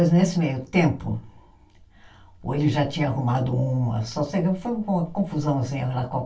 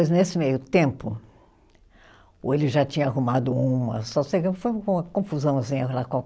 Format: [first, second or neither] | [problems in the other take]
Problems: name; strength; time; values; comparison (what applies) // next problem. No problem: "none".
second | room echo; dies away in 0.2 s